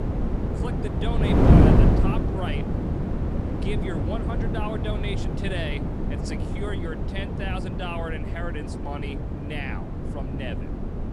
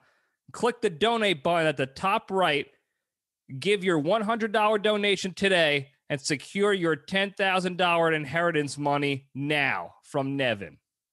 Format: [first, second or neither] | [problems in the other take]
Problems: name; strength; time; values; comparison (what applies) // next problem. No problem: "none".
second | wind noise on the microphone; heavy; 3 dB above the speech